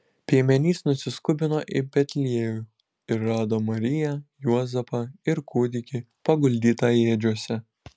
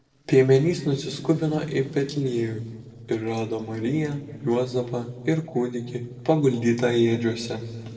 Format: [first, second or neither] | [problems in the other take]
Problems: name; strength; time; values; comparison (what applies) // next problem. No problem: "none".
first | noise reduction (neural separator model SepFormer DNS4)